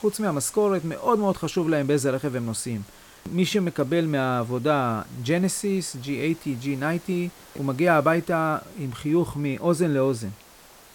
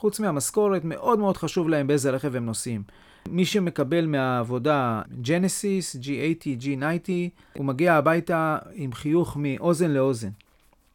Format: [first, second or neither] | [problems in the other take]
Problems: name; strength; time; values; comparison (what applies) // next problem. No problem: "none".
second | hiss; faint; throughout; 25 dB below the speech